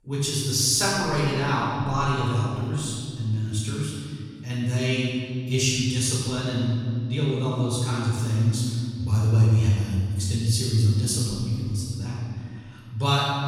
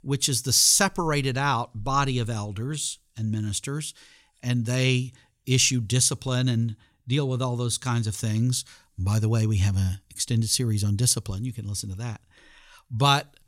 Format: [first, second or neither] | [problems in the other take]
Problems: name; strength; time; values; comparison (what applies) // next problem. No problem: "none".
second | off-mic speech; far // room echo; strong; dies away in 2.3 s